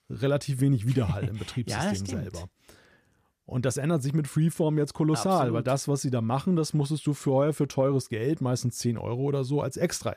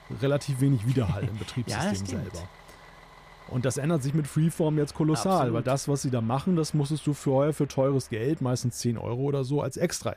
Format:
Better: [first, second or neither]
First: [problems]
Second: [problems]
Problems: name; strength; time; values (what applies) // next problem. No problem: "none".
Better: first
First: none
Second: traffic noise; faint; throughout; 25 dB below the speech